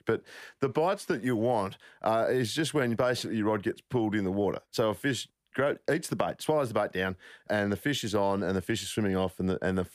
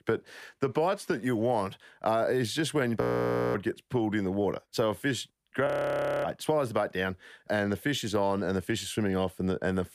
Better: first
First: none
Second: audio freezing; at 3 s for 0.5 s and at 5.5 s for 0.5 s

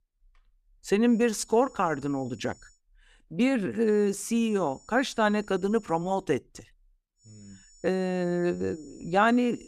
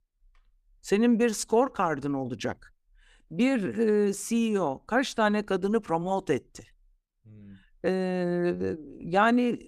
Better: second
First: high-pitched whine; faint; from 1 to 2.5 s, from 4 to 6 s and from 7 s on; 7 kHz, 30 dB below the speech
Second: none

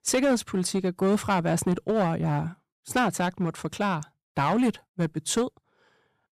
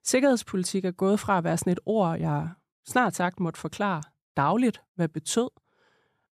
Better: second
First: distortion; slight; 6% of the sound clipped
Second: none

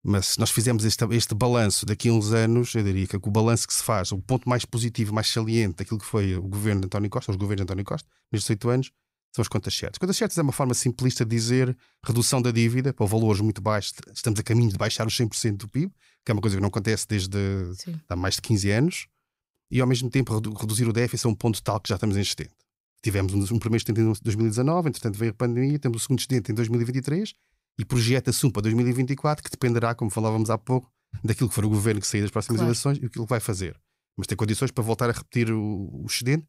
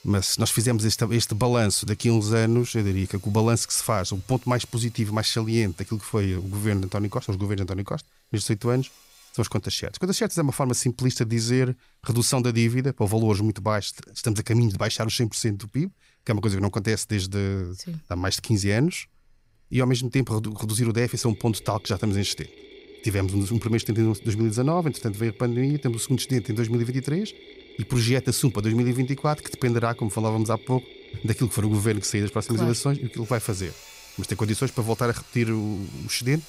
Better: first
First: none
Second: machinery noise; faint; throughout; 20 dB below the speech

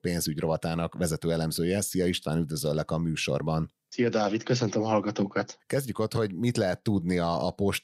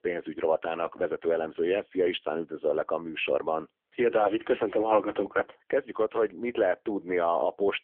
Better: first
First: none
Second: phone-call audio; poor line; nothing above 3 kHz

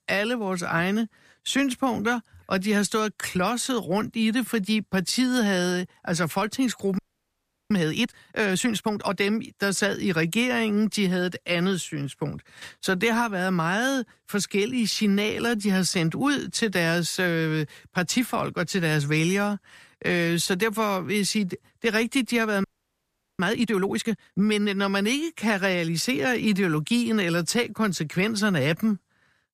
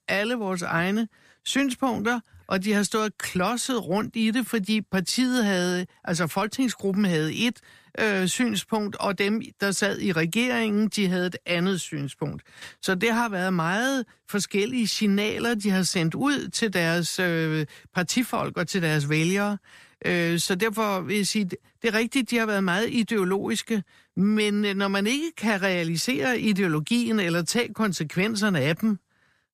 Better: second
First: audio freezing; at 7 s for 0.5 s and at 23 s for 1 s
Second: none

